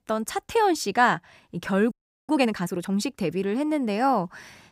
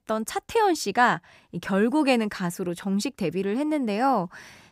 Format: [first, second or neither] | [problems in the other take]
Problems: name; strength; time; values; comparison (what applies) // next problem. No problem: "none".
second | audio freezing; at 2 s